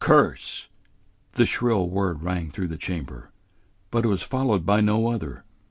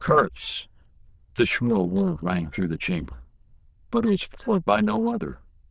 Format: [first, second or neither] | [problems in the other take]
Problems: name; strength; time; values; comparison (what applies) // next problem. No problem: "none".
first | noise reduction (neural diffusion model UNIVERSE++)